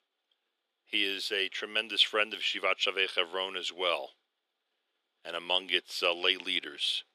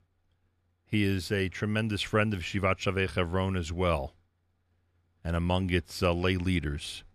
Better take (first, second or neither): second